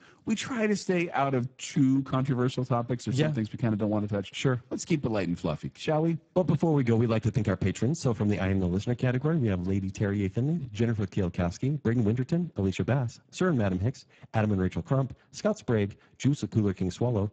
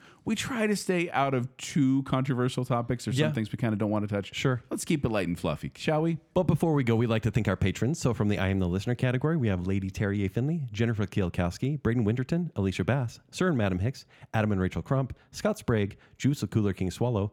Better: second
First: garbled, watery; badly; nothing above 7.5 kHz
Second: none

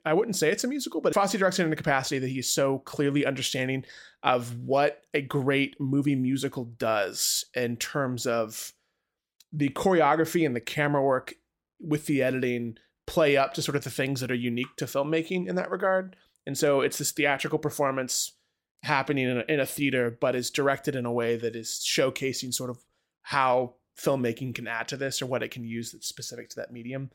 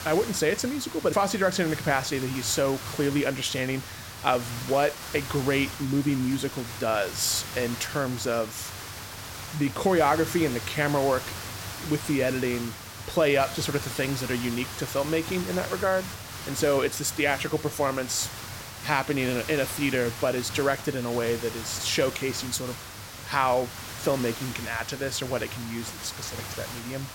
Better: first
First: none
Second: hiss; loud; throughout; 9 dB below the speech

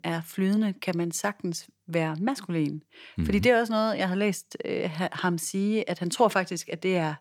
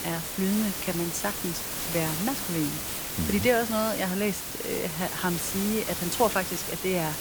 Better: first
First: none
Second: hiss; loud; throughout; 2 dB below the speech

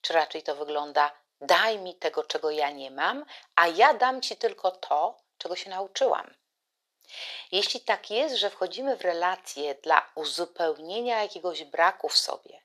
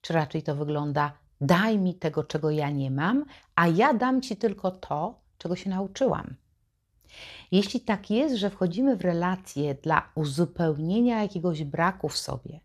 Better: second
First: thin; very; fading below 450 Hz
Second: none

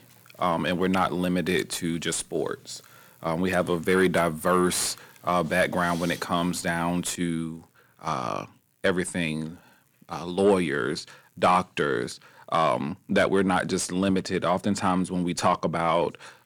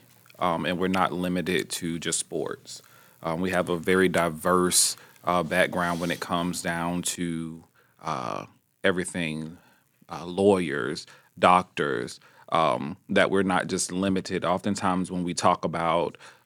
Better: second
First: distortion; slight; 10 dB below the speech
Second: none

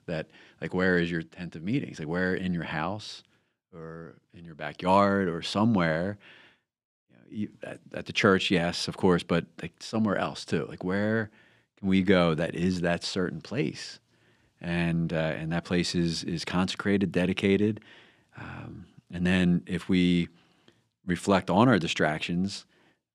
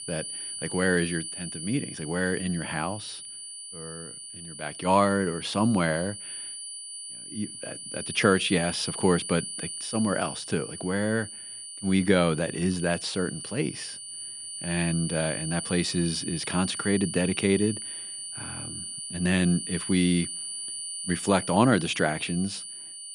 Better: first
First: none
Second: high-pitched whine; loud; throughout; 9.5 kHz, 8 dB below the speech

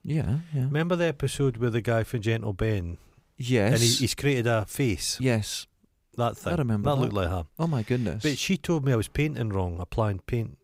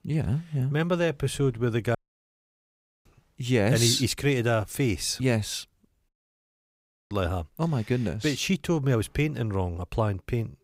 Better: first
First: none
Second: audio cutting out; at 2 s for 1 s and at 6 s for 1 s

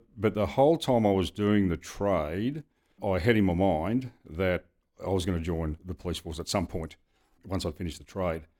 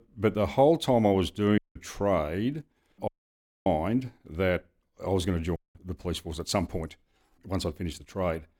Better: first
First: none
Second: audio cutting out; at 1.5 s, at 3 s for 0.5 s and at 5.5 s

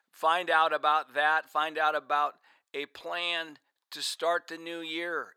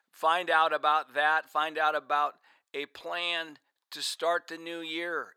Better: neither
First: thin; very; fading below 650 Hz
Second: thin; very; fading below 650 Hz

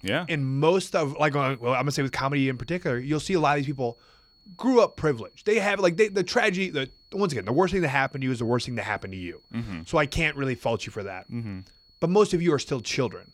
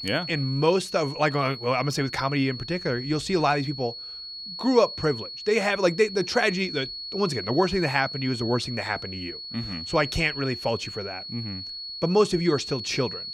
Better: first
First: high-pitched whine; faint; throughout; 4.5 kHz, 30 dB below the speech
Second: high-pitched whine; loud; throughout; 4.5 kHz, 9 dB below the speech

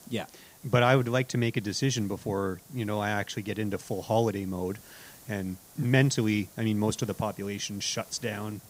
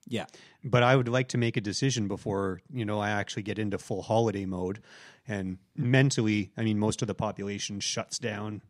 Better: second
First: hiss; faint; throughout; 20 dB below the speech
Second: none

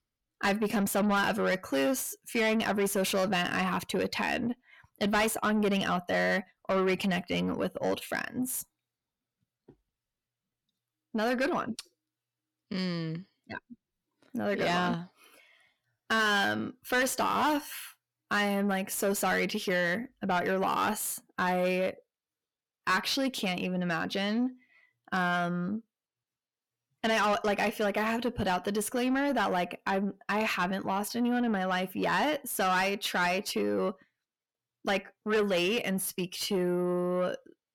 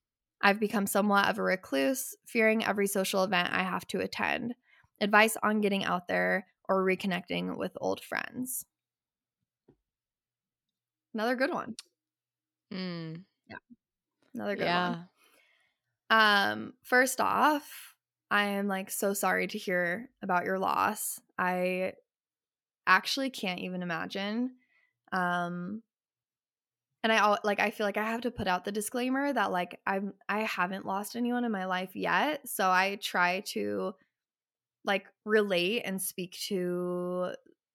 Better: second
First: distortion; heavy; 7 dB below the speech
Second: none

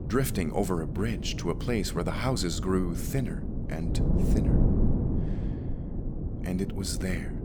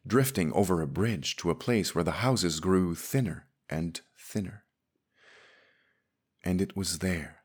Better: second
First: wind noise on the microphone; heavy; 6 dB below the speech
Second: none

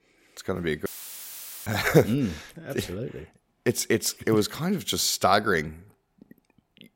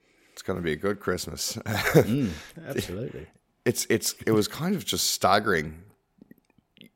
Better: second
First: audio cutting out; filled with static; at 1 s for 1 s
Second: none

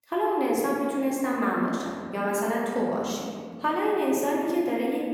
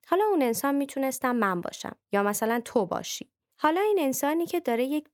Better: second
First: room echo; noticeable; dies away in 2.2 s // off-mic speech; far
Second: none

